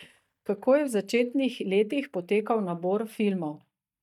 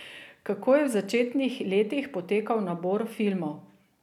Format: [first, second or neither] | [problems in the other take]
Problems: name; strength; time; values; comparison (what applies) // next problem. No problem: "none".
second | noise reduction (neural mask model DeepFilterNet 3)